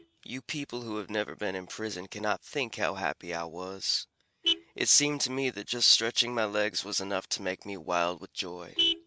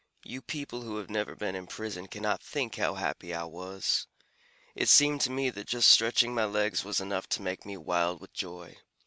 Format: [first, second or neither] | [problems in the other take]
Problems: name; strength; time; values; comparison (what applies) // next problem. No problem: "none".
second | noise reduction (neural mask model RNNoise)